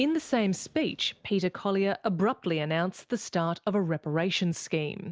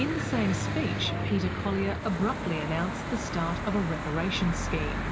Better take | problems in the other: first | background sound (Church bell / Traffic noise, roadway noise); 1 dB below the speech // room echo; dies away in 0.3 s

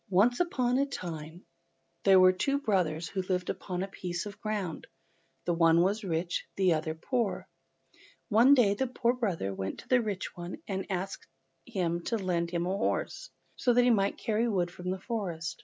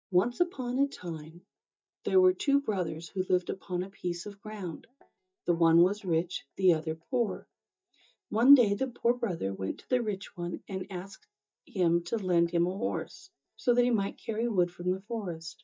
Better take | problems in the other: first | noise reduction (neural mask model DeepFilterNet 3)

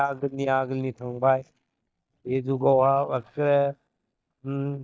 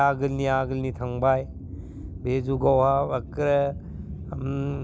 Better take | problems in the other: second | noise reduction (neural mask model DeepFilterNet 3)

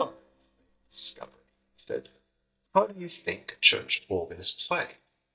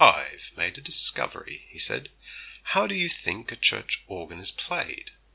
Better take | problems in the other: second | noise reduction (neural mask model DeepFilterNet 3)

